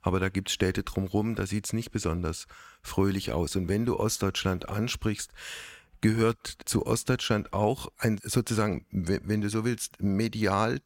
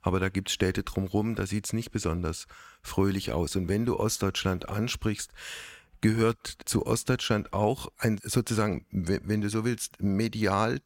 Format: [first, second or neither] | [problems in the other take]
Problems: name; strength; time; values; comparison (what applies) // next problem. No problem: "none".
neither | none